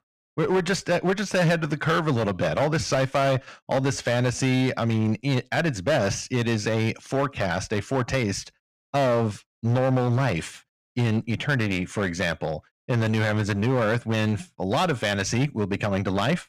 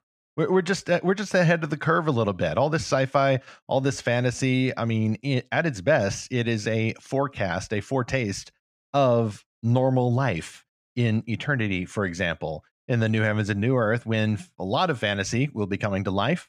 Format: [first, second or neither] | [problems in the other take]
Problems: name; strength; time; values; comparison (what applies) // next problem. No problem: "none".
second | distortion; slight; 15% of the sound clipped